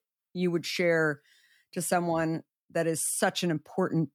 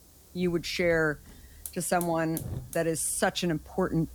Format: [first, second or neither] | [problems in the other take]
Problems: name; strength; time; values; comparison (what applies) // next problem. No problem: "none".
first | hiss; noticeable; throughout; 15 dB below the speech